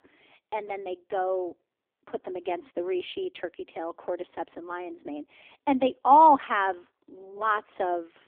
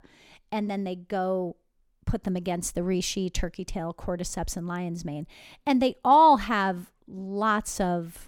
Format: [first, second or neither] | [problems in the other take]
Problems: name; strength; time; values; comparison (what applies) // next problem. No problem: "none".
second | phone-call audio; poor line